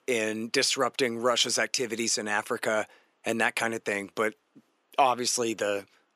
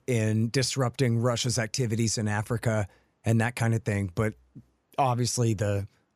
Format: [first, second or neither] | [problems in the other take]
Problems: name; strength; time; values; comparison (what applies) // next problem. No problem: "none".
second | thin; somewhat; fading below 300 Hz